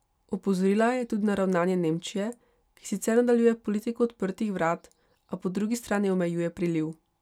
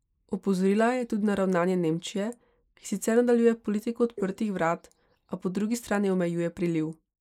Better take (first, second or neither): first